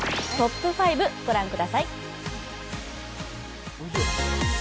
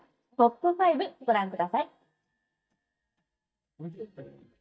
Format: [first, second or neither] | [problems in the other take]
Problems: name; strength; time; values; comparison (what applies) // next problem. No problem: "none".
first | noise reduction (neural mask model DeepFilterNet 3)